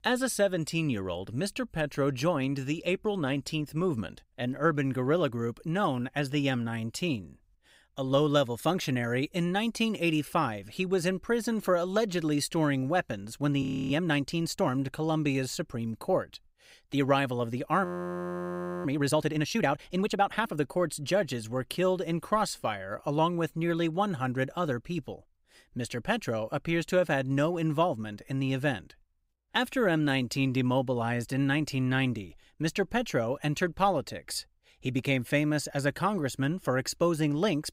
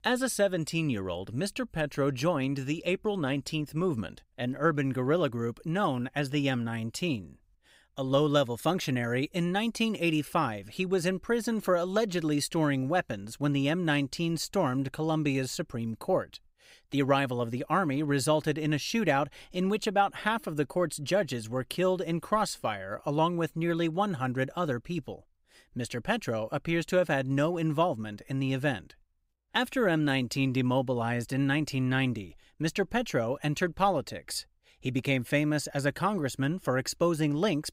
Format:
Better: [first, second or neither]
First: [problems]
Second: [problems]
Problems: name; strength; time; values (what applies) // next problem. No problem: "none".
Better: second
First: audio freezing; at 14 s and at 18 s for 1 s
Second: none